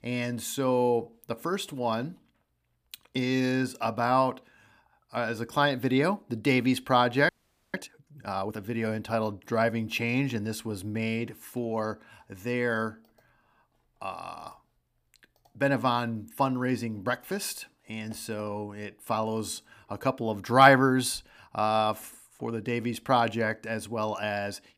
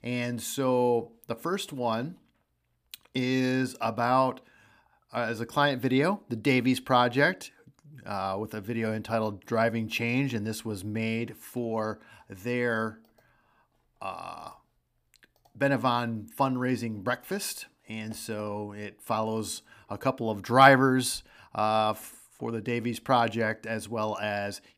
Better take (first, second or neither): second